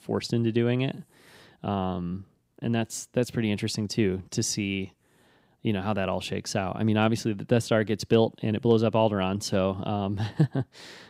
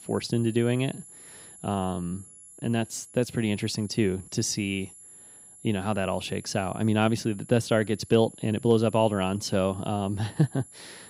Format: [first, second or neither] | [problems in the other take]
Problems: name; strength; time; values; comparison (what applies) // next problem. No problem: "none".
first | high-pitched whine; noticeable; throughout; 11 kHz, 20 dB below the speech